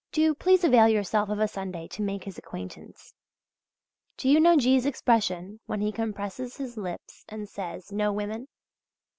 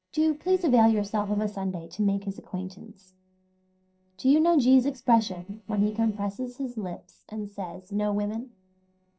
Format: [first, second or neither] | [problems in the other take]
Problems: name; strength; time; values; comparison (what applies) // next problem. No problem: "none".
first | noise reduction (neural separator model SepFormer DNS4)